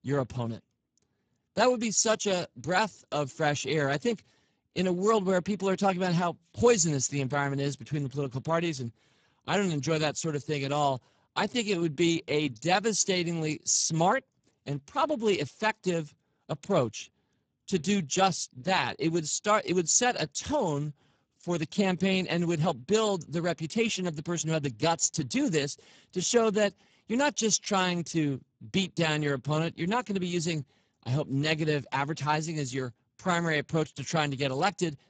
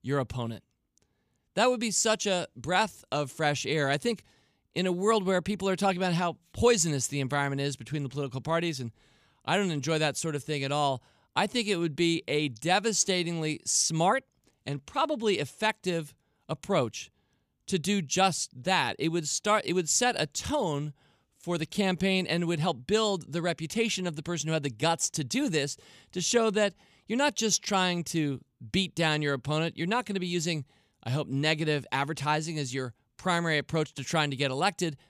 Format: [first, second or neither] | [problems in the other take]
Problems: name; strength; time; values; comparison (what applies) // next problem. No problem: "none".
second | garbled, watery; badly; nothing above 7.5 kHz